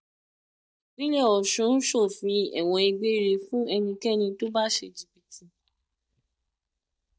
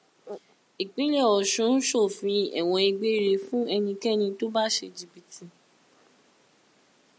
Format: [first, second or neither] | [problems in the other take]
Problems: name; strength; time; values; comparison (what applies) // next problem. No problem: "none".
second | noise reduction (neural mask model DeepFilterNet 3)